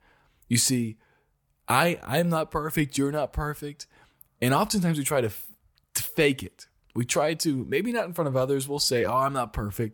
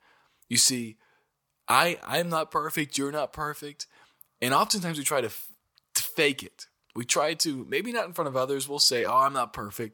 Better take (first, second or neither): first